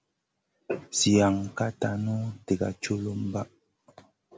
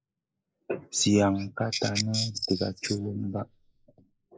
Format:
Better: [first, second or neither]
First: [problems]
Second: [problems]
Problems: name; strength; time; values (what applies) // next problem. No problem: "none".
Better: first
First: none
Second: noise reduction (neural mask model Resemble Enhance denoiser)